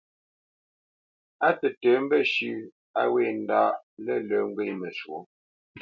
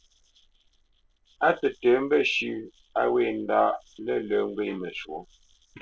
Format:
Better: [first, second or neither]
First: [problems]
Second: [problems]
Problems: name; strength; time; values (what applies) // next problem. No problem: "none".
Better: first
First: none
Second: noise reduction (neural separator model SepFormer DNS4)